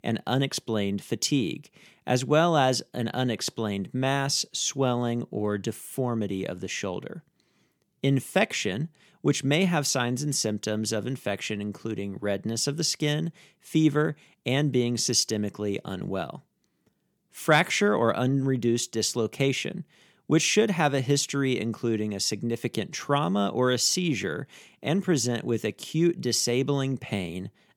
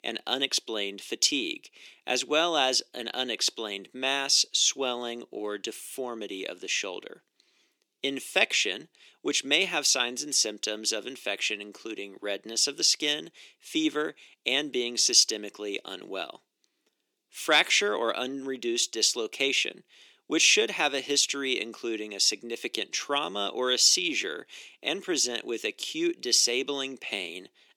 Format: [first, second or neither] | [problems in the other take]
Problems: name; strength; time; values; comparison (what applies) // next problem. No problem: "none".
first | thin; somewhat; fading below 300 Hz